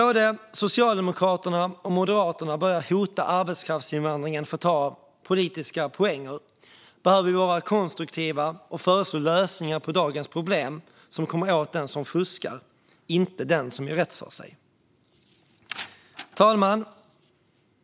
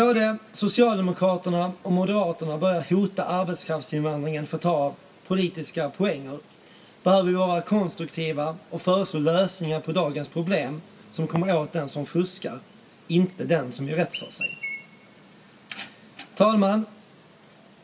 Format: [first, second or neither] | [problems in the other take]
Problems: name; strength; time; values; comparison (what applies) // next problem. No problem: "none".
first | background sound (Chirp, tweet); 20 dB below the speech // room echo; dies away in 0.2 s